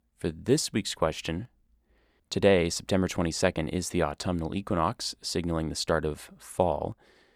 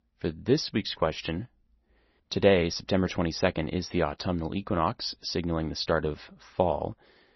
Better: first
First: none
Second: garbled, watery; slightly; nothing above 6 kHz

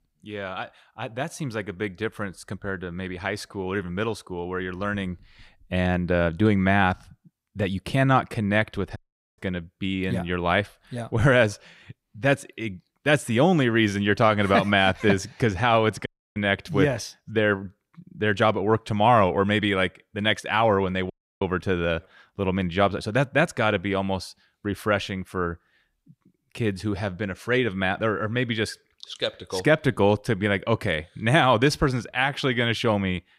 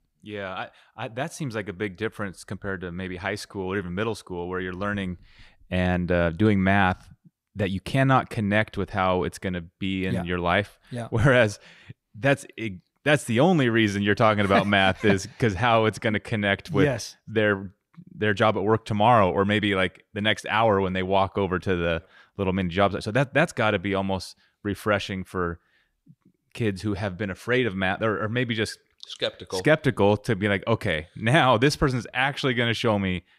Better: second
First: audio cutting out; at 9 s, at 16 s and at 21 s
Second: none

